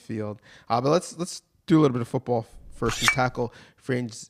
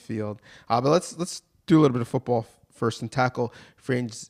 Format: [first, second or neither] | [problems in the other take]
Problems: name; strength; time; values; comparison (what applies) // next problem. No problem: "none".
second | clattering dishes; loud; at 3 s; peak 3 dB above the speech